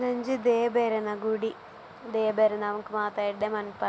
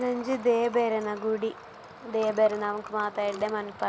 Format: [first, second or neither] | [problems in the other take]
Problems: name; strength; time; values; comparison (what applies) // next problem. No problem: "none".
first | background sound (Liquid); 18 dB below the speech